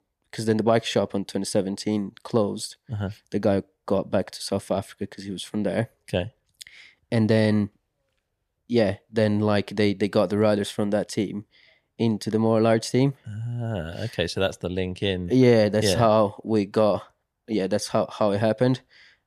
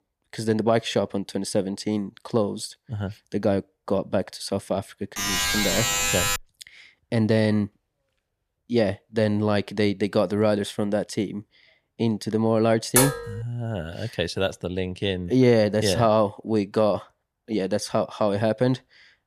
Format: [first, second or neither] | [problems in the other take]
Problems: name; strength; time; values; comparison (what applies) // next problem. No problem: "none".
first | alarm; loud; from 5 to 6.5 s; peak 3 dB above the speech // clattering dishes; loud; at 13 s; peak 4 dB above the speech